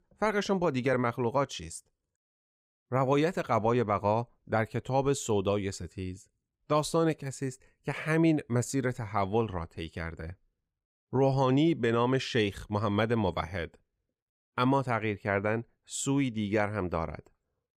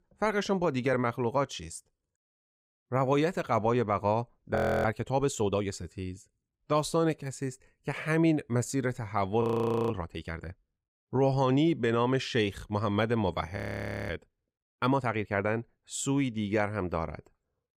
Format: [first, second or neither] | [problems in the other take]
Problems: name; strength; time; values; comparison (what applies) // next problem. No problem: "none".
first | audio freezing; at 4.5 s, at 9.5 s and at 14 s for 0.5 s